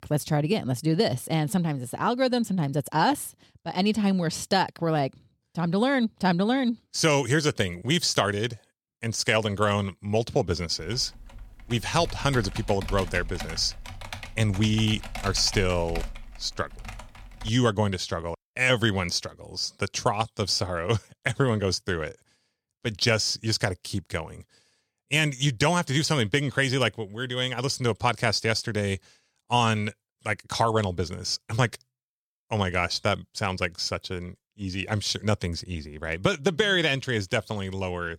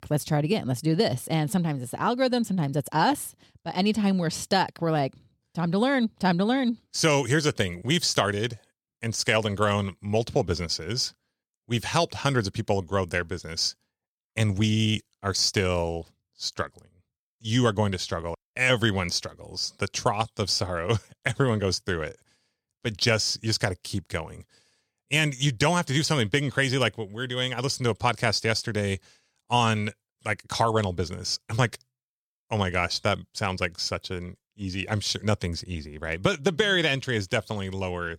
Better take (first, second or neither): second